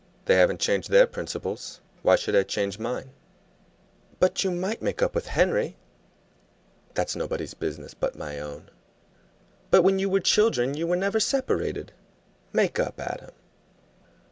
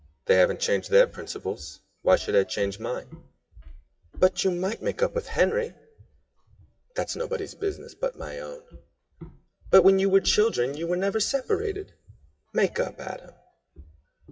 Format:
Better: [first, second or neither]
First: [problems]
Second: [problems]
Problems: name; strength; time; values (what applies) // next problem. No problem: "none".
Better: first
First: none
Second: noise reduction (classical method WPE with log-MMSE)